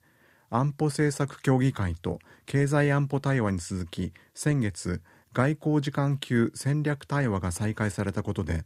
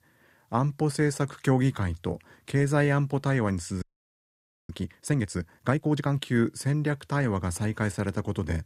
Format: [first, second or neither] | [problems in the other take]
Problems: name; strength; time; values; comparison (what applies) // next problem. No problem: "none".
first | audio freezing; at 4 s for 1 s